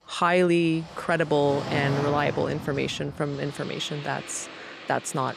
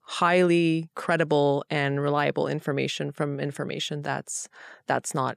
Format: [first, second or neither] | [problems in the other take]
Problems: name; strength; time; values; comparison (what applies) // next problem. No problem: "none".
second | household noises; noticeable; throughout; 10 dB below the speech